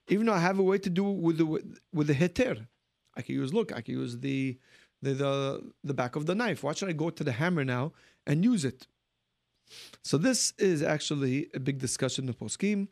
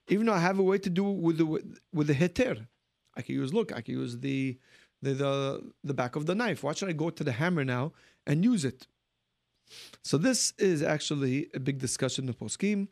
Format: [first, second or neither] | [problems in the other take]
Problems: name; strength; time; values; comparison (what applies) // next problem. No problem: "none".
neither | none